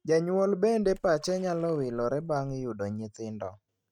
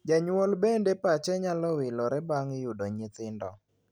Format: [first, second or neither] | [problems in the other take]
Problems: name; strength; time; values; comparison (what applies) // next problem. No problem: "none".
second | noise reduction (neural mask model RNNoise)